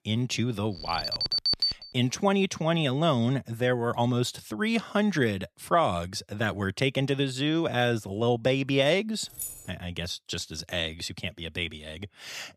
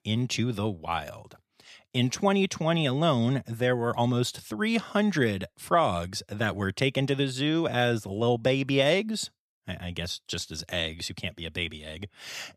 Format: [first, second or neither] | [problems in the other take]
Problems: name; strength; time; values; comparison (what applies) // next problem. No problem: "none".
second | alarm; loud; from 1 to 2 s; peak 4 dB above the speech // jangling keys; noticeable; at 9.5 s; peak 8 dB below the speech